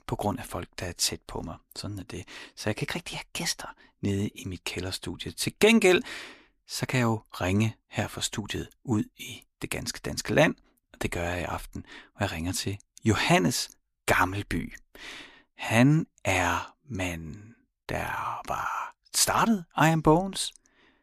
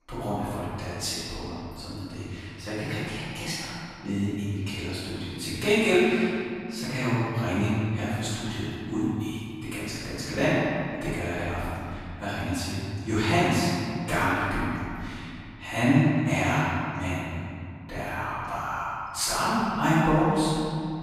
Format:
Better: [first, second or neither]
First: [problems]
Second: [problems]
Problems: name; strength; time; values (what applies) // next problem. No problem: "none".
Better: first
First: none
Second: room echo; strong; dies away in 2.5 s // off-mic speech; far